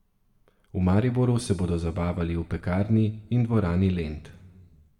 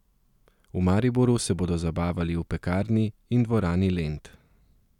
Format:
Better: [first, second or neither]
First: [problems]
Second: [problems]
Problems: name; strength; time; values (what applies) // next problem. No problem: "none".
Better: second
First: room echo; dies away in 1.1 s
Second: none